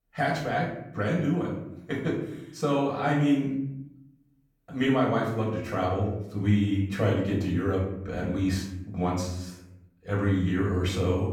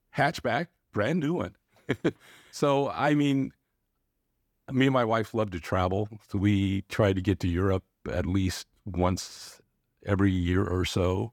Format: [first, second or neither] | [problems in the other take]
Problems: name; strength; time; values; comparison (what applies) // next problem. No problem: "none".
second | off-mic speech; far // room echo; noticeable; dies away in 0.7 s